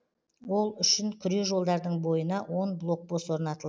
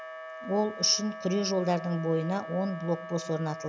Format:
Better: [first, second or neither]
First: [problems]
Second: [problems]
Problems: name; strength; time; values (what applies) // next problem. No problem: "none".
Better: first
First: none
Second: background sound (Wind instrument, woodwind instrument); 11 dB below the speech